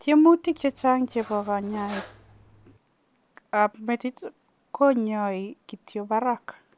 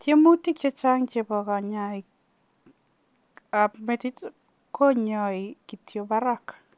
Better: second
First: background sound (Cutlery, silverware); 19 dB below the speech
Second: none

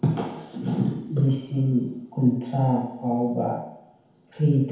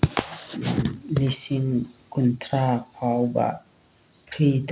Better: second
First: room echo; dies away in 1 s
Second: none

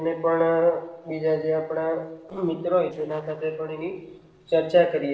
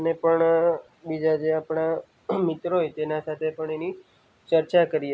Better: second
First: noise reduction (neural separator model SepFormer DNS4)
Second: none

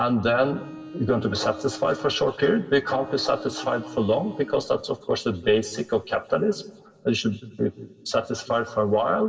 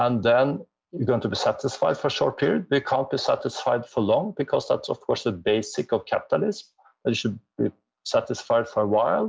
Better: second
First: background sound (Bowed string instrument); 16 dB below the speech // room echo; dies away in 1.9 s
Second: none

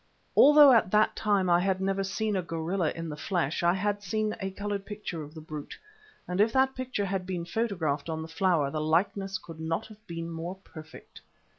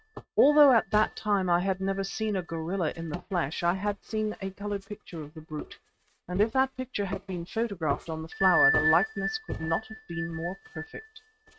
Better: first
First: none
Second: noise reduction (neural mask model RNNoise)

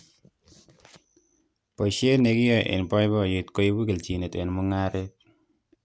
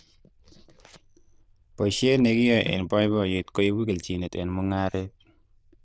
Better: first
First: none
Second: noise reduction (neural diffusion model UNIVERSE++)

